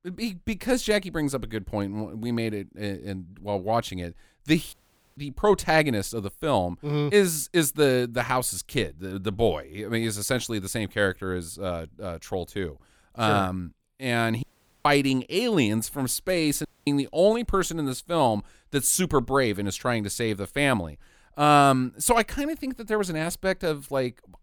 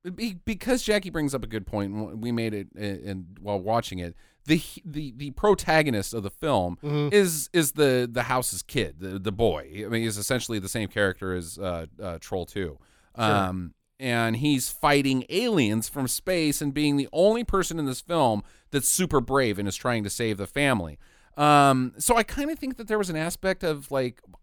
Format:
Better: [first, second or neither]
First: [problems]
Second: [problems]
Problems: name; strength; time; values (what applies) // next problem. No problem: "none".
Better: second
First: audio cutting out; at 4.5 s, at 14 s and at 17 s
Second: none